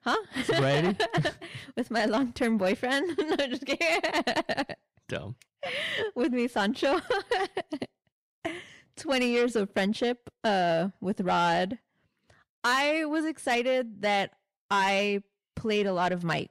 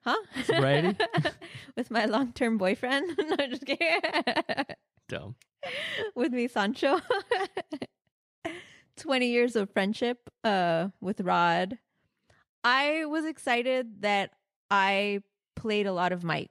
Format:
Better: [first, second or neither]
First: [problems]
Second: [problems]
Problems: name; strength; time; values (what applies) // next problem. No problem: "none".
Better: second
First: distortion; slight; 10 dB below the speech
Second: none